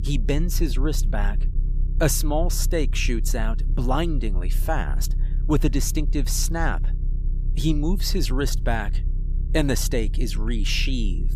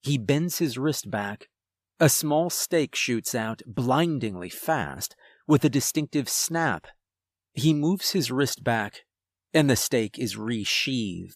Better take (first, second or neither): second